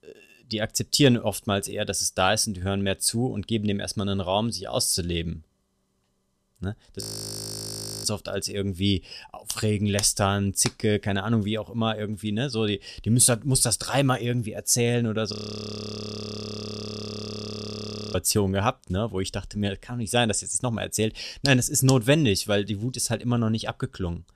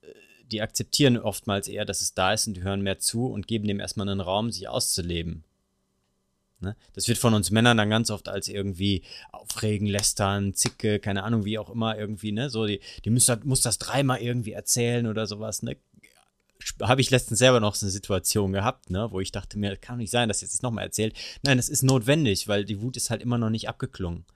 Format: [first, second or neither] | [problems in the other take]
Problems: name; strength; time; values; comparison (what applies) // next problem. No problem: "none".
second | audio freezing; at 7 s for 1 s and at 15 s for 3 s